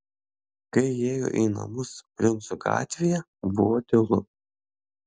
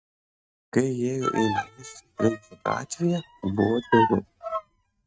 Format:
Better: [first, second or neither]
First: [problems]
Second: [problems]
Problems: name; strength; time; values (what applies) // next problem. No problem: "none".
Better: first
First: none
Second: noise reduction (neural mask model RNNoise)